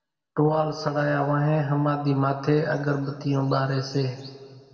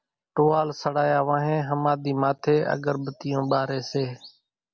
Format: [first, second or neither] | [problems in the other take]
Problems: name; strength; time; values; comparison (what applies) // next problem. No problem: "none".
second | room echo; dies away in 2.1 s